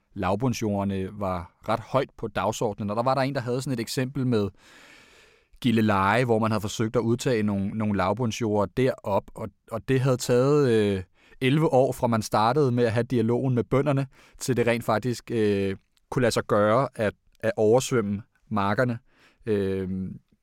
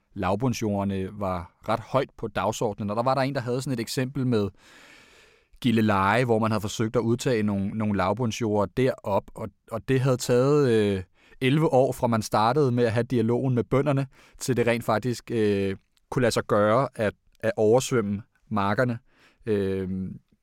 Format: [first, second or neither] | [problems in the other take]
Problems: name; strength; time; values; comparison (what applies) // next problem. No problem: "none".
neither | none